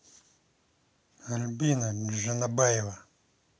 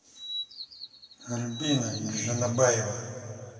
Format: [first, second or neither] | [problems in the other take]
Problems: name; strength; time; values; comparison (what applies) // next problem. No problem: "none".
first | background sound (Bird vocalization, bird call, bird song); 11 dB below the speech // room echo; dies away in 2.4 s